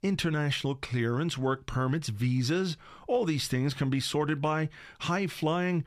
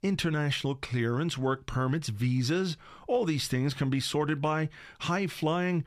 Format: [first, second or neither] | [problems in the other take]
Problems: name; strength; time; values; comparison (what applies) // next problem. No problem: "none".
neither | none